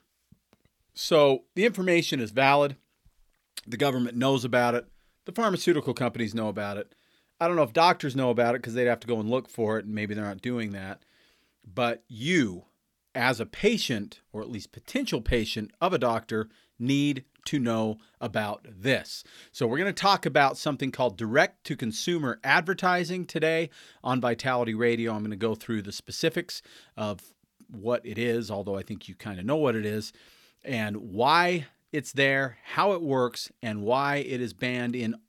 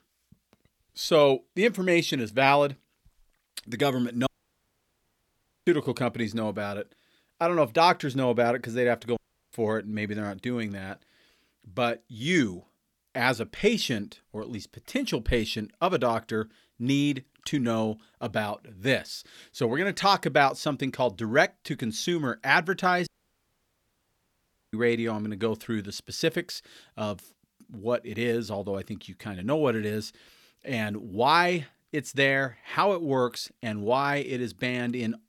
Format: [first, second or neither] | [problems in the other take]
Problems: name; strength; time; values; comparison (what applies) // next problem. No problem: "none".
first | audio cutting out; at 4.5 s for 1.5 s, at 9 s and at 23 s for 1.5 s